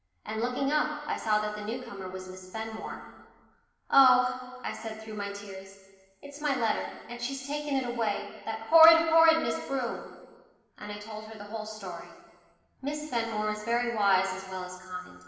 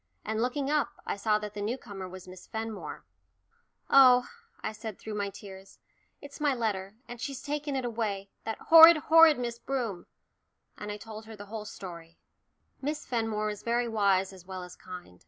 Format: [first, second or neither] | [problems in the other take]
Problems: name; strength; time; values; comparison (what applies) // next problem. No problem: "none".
second | room echo; dies away in 1.4 s